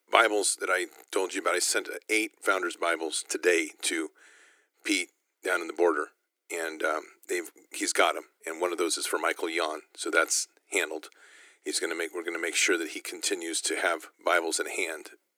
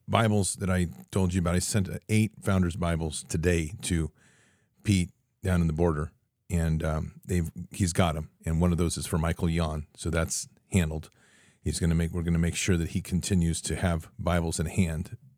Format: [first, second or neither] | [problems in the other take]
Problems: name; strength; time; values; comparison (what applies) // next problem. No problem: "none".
second | thin; very; fading below 300 Hz